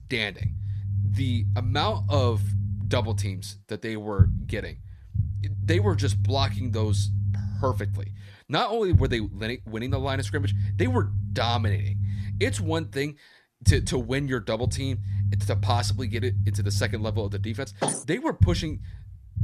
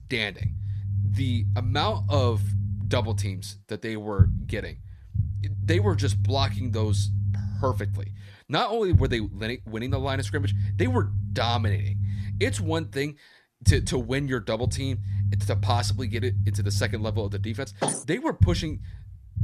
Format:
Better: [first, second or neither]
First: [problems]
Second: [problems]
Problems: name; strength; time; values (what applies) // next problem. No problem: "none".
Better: neither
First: low rumble; noticeable; throughout; 10 dB below the speech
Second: low rumble; noticeable; throughout; 10 dB below the speech